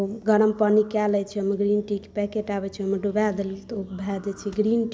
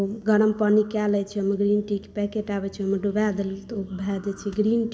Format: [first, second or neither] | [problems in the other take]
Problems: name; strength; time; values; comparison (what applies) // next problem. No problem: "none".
first | room echo; dies away in 0.7 s